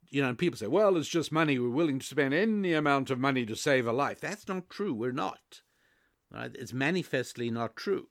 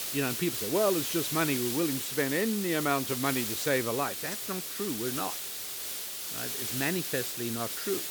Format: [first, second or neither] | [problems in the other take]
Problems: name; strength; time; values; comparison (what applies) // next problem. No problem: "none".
first | hiss; loud; throughout; 1 dB below the speech